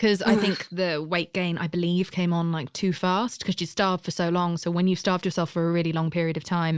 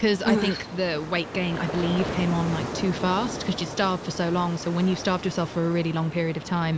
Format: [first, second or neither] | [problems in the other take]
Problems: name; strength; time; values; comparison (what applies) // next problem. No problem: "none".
first | background sound (Ocean); 9 dB below the speech